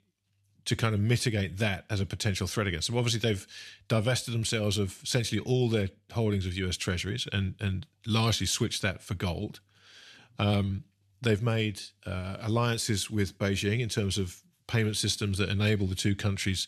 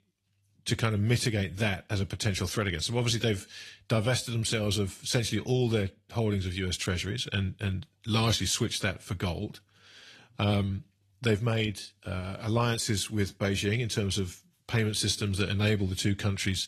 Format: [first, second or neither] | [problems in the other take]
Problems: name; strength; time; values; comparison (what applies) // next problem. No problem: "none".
first | garbled, watery; slightly; nothing above 13.5 kHz